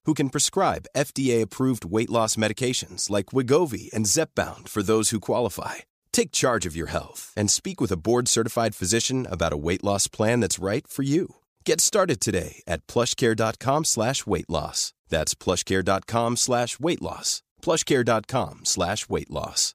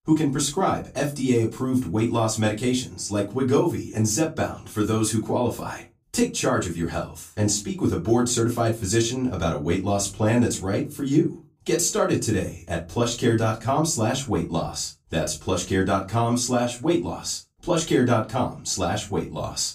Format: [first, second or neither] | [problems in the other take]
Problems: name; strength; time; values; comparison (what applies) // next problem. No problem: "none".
first | off-mic speech; far // room echo; very slight; dies away in 0.3 s